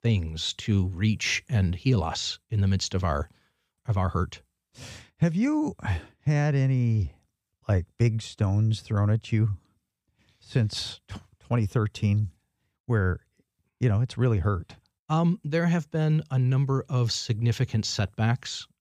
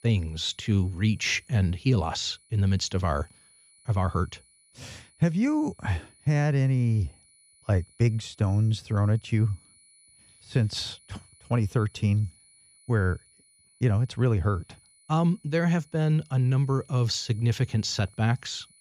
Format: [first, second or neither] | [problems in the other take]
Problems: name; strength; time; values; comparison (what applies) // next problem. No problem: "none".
first | high-pitched whine; faint; throughout; 10 kHz, 30 dB below the speech